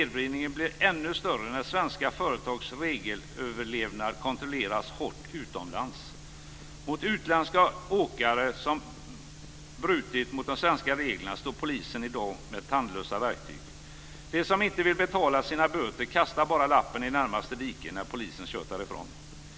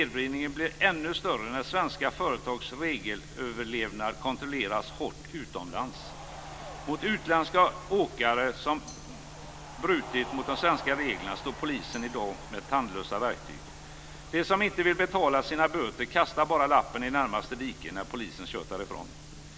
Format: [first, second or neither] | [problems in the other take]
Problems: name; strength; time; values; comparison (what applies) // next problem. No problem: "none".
first | background sound (Tambourine + Cheering); 19 dB below the speech